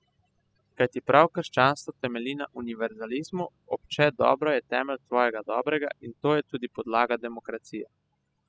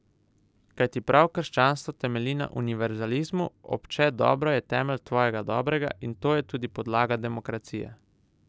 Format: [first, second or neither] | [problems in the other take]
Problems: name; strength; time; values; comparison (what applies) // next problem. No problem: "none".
second | noise reduction (classical method spectral subtraction)